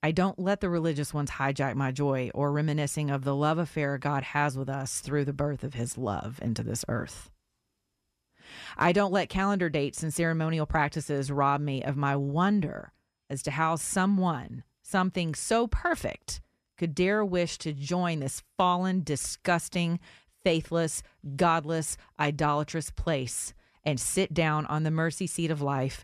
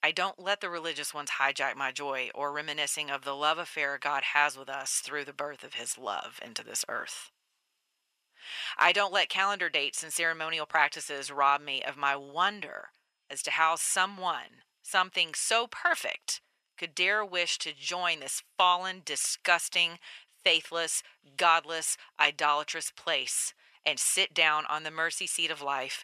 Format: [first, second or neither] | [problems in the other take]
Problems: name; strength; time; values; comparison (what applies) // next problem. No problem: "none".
first | thin; very; fading below 850 Hz